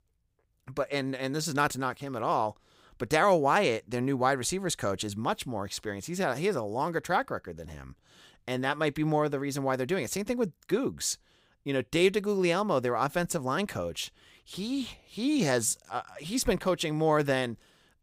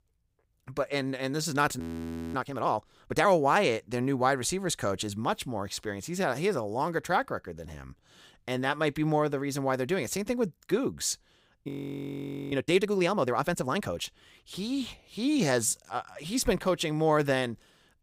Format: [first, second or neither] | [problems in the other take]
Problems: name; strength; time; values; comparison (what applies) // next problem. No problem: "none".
first | audio freezing; at 2 s for 0.5 s and at 12 s for 1 s